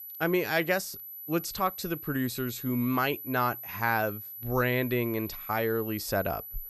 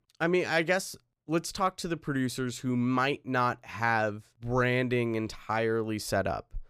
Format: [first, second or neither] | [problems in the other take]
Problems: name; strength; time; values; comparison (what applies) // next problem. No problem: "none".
second | high-pitched whine; loud; throughout; 12 kHz, 9 dB below the speech